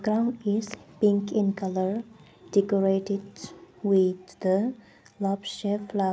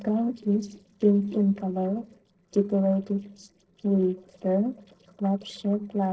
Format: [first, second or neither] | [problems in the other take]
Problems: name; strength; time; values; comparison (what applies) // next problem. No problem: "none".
first | noise reduction (neural separator model SepFormer DNS4)